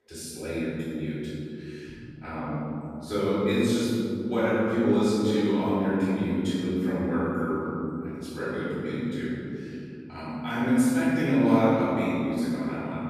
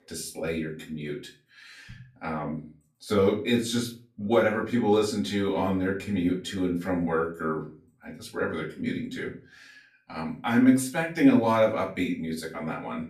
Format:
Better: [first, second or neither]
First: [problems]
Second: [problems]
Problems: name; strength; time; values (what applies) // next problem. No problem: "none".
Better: second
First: room echo; strong; dies away in 3 s // off-mic speech; far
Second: room echo; slight; dies away in 0.3 s // off-mic speech; far